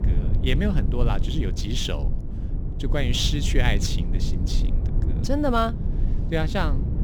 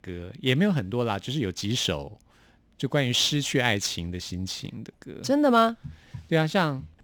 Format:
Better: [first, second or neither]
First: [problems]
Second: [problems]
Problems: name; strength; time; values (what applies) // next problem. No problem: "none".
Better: second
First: low rumble; noticeable; throughout; 10 dB below the speech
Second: none